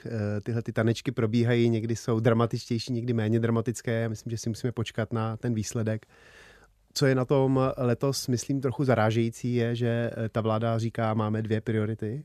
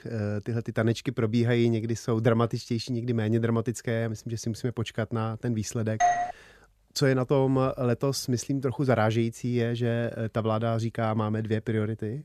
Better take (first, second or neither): first